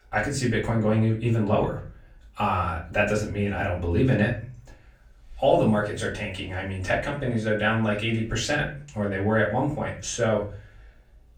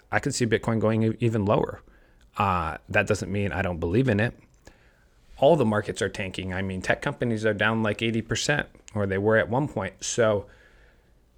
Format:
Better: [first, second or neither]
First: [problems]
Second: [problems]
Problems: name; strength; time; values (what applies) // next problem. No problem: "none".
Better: second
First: off-mic speech; far // room echo; slight; dies away in 0.4 s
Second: none